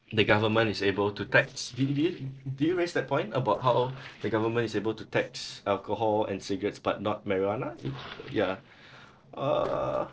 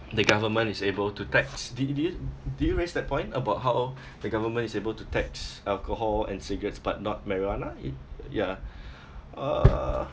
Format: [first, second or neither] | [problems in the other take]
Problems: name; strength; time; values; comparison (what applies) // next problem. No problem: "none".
second | noise reduction (neural separator model SepFormer DNS4)